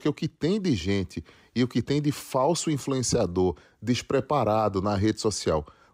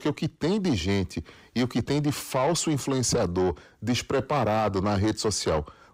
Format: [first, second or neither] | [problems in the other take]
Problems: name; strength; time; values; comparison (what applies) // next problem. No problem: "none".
first | distortion; slight; 10 dB below the speech